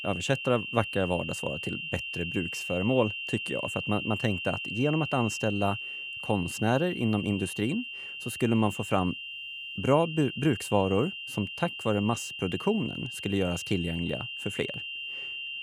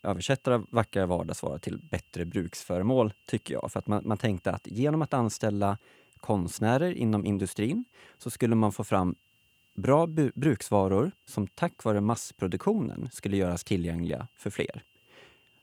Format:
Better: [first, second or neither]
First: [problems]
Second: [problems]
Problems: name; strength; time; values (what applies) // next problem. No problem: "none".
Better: second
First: high-pitched whine; loud; throughout; 3 kHz, 6 dB below the speech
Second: high-pitched whine; faint; throughout; 3 kHz, 35 dB below the speech